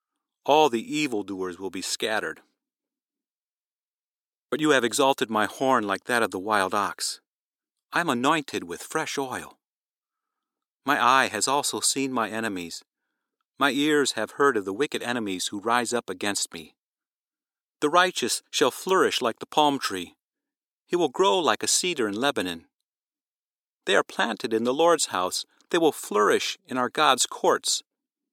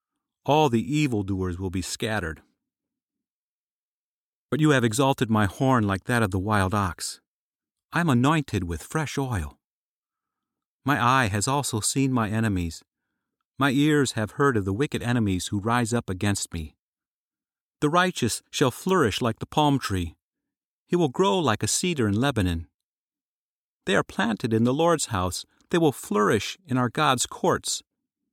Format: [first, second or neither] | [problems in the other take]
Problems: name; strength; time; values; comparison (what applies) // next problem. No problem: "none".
second | thin; somewhat; fading below 400 Hz